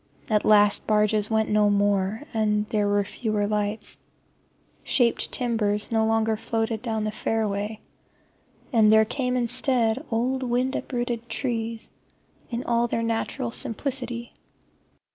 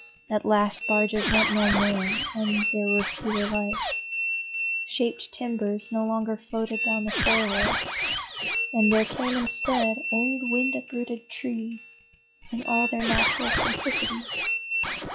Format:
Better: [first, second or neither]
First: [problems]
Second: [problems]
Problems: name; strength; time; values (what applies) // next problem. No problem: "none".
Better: first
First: none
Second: noise reduction (classical method log-MMSE)